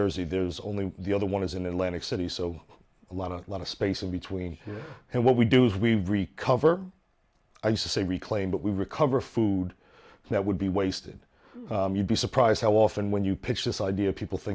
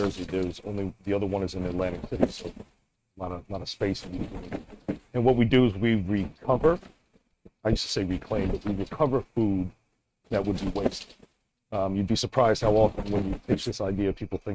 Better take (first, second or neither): first